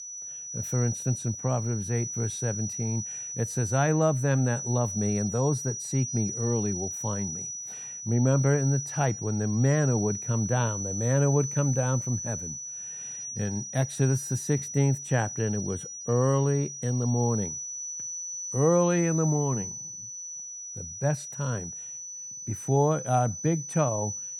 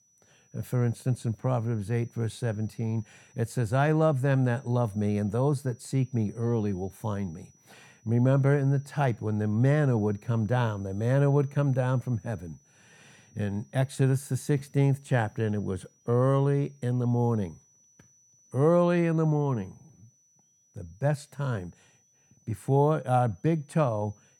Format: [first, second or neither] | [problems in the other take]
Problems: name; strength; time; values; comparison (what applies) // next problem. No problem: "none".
second | high-pitched whine; loud; throughout; 6 kHz, 6 dB below the speech; faint in the second